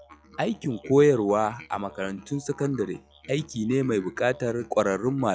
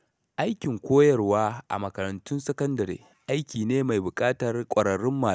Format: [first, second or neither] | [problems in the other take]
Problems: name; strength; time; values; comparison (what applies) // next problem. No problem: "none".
second | noise reduction (classical method log-MMSE)